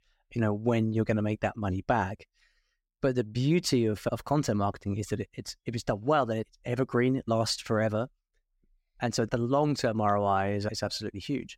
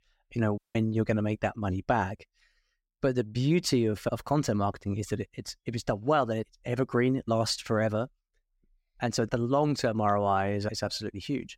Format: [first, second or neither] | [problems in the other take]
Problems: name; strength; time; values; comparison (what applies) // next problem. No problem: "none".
first | audio cutting out; at 0.5 s